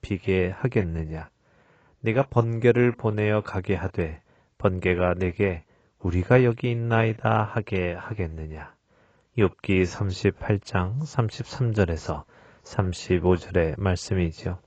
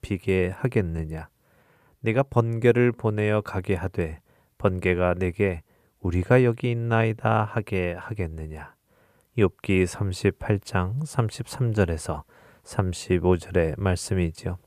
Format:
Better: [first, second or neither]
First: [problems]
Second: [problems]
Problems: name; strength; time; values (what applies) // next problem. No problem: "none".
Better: second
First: garbled, watery; badly; nothing above 7.5 kHz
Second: none